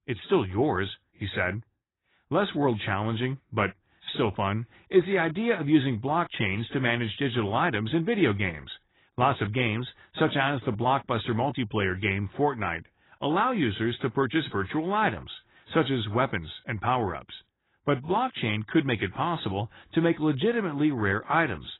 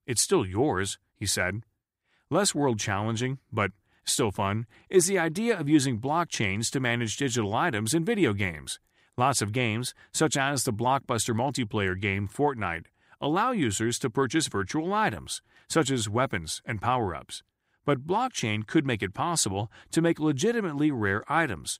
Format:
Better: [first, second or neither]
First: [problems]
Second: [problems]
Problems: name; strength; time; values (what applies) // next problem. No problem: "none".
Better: second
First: garbled, watery; badly; nothing above 4 kHz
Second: none